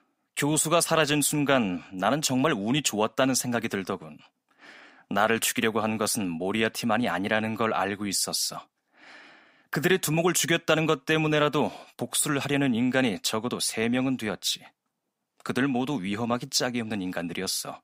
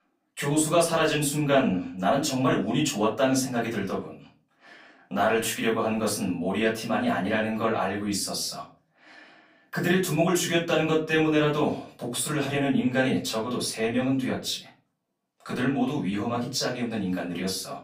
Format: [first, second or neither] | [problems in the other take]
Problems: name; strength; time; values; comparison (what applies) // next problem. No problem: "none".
first | off-mic speech; far // room echo; slight; dies away in 0.4 s